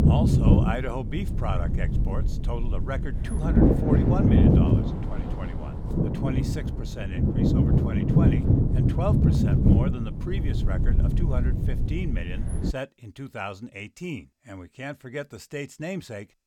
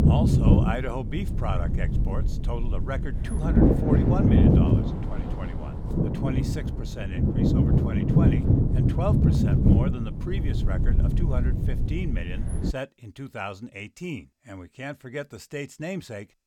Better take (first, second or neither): neither